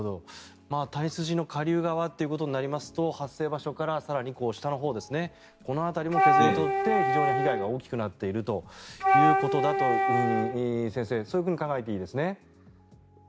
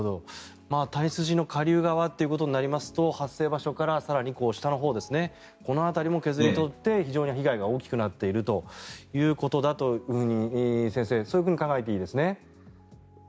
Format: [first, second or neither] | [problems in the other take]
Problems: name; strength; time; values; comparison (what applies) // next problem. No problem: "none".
second | background sound (Wind instrument, woodwind instrument); 4 dB above the speech